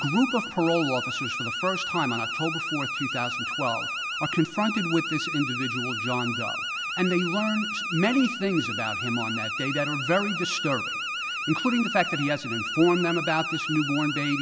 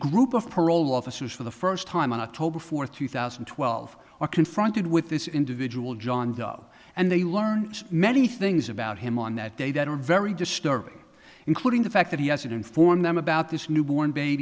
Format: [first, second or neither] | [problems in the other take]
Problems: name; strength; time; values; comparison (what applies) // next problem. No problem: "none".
second | background sound (Alarm); 4 dB below the speech